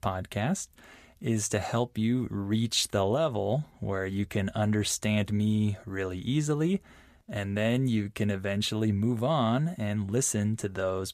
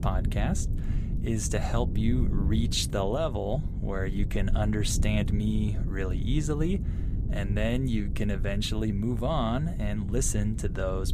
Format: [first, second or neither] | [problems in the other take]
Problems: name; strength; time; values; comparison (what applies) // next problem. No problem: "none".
first | low rumble; noticeable; throughout; 10 dB below the speech